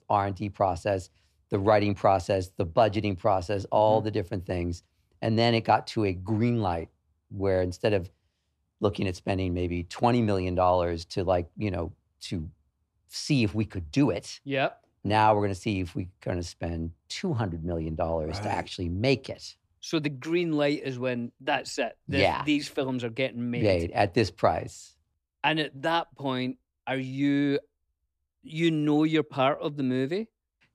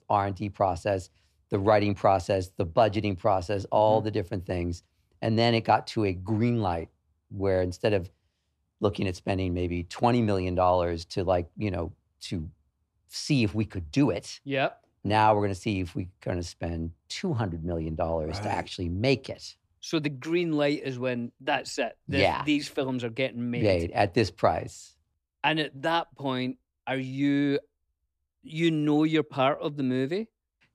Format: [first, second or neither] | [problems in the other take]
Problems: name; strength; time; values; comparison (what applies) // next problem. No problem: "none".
neither | none